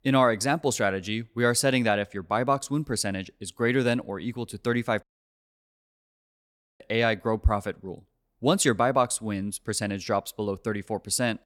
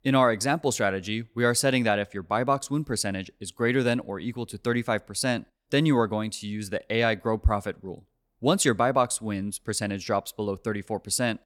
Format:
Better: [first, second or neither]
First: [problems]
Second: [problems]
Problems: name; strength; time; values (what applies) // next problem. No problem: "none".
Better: second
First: audio cutting out; at 5 s for 2 s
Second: none